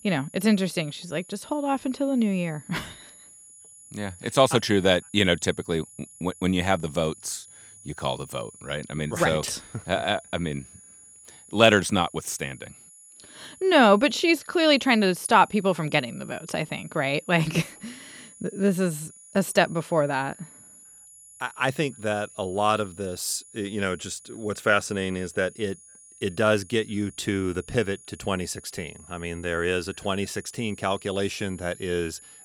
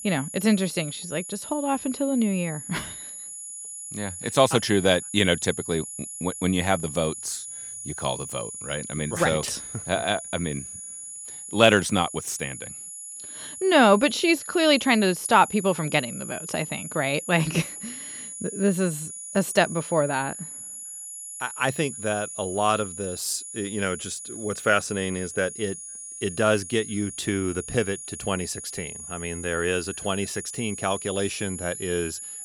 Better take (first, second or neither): first